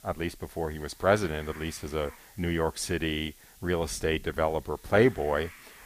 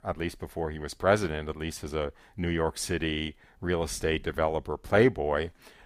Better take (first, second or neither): second